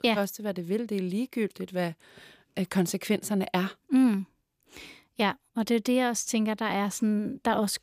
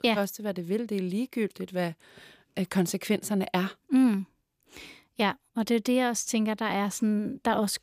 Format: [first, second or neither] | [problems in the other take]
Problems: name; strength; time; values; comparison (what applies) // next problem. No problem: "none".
neither | none